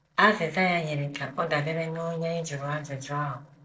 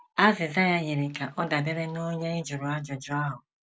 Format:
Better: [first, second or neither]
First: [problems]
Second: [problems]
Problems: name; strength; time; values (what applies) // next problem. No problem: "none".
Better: second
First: noise reduction (neural separator model SepFormer DNS4)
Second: none